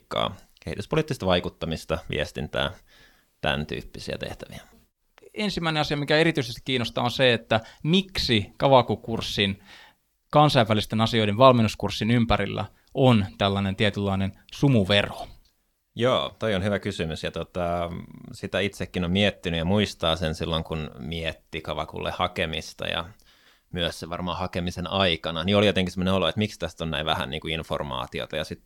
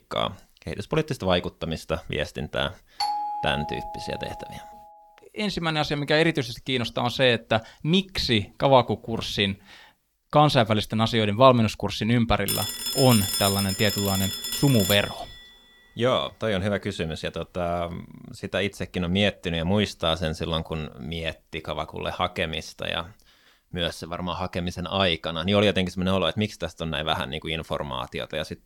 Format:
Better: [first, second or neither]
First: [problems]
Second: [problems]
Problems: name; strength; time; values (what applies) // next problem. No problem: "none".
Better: first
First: none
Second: doorbell; noticeable; from 3 to 4.5 s; peak 2 dB below the speech // phone ringing; loud; from 12 to 15 s; peak 1 dB above the speech